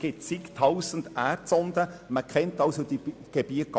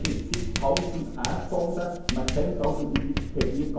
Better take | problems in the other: first | background sound (Writing); 1 dB below the speech // room echo; dies away in 0.9 s

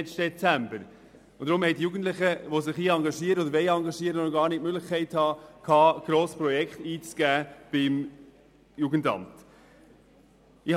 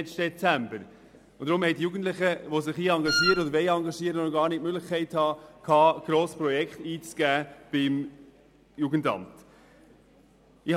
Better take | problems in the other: first | background sound (Wind instrument, woodwind instrument); 1 dB above the speech

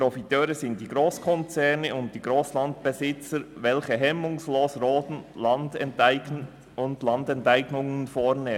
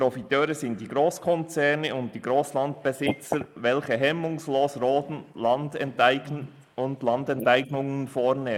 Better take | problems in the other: first | noise reduction (neural mask model Resemble Enhance denoiser)

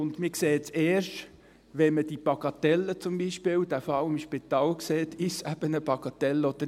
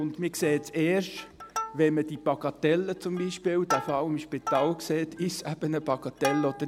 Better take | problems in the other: first | background sound (Plucked string instrument); 11 dB below the speech

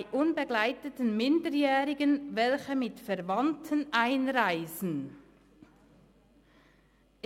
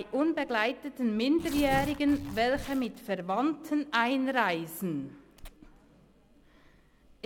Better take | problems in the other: first | background sound (Tearing); 15 dB below the speech

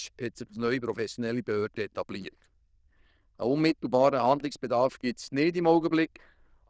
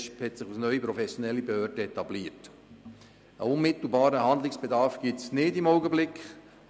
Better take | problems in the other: second | noise reduction (neural diffusion model UNIVERSE++)

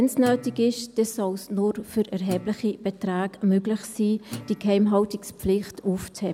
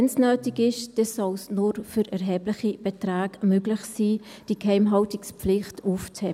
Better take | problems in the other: second | background sound (Guitar); 19 dB below the speech

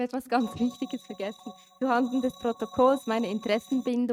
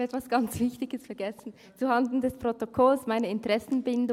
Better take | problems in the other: second | noise reduction (neural mask model RNNoise)

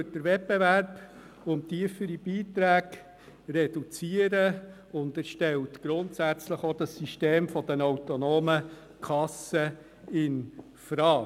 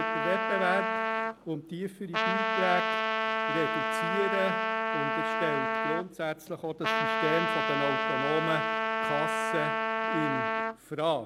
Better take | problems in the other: first | background sound (Trumpet); 3 dB above the speech

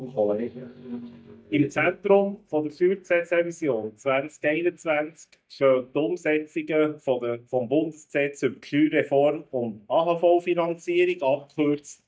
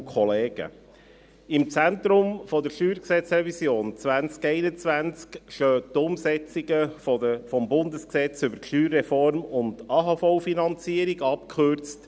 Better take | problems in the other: second | noise reduction (neural mask model DeepFilterNet 3)

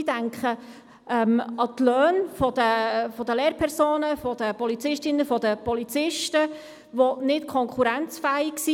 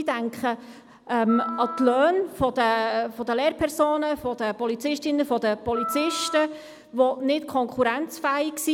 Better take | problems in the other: first | background sound (Wind instrument, woodwind instrument); 11 dB below the speech

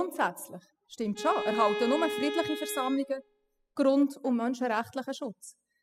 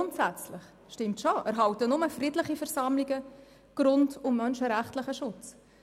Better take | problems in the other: second | noise reduction (classical method spectral subtraction)

